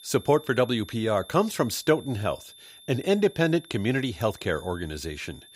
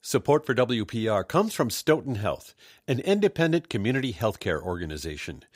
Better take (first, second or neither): second